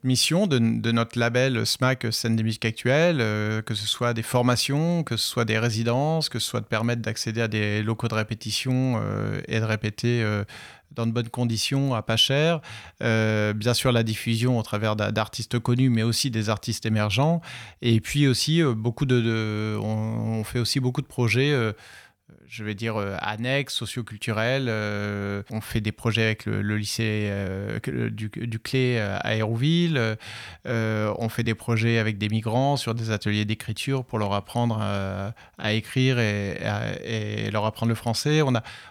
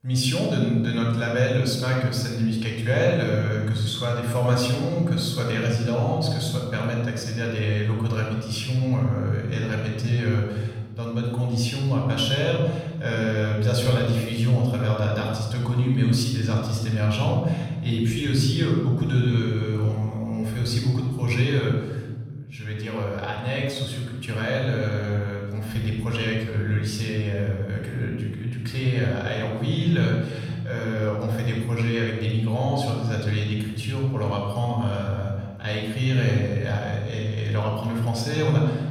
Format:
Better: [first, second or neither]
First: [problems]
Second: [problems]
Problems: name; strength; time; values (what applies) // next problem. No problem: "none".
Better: first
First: none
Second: off-mic speech; far // room echo; noticeable; dies away in 1.6 s